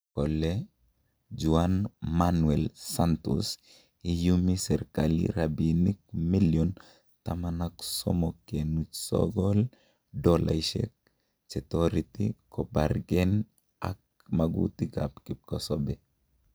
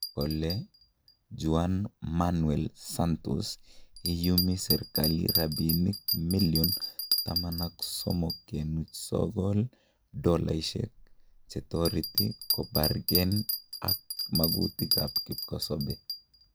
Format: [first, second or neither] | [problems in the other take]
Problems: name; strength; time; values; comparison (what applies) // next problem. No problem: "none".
first | background sound (Bell); 5 dB below the speech